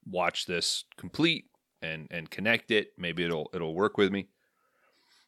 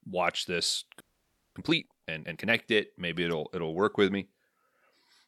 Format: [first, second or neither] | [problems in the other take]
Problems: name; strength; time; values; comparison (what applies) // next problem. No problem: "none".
first | audio freezing; at 1 s for 0.5 s